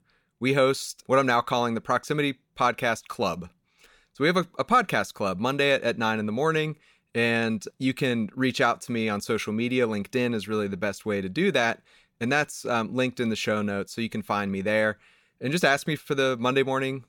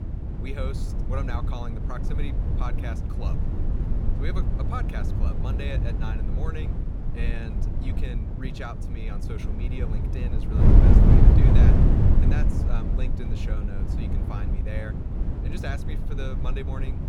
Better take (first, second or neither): first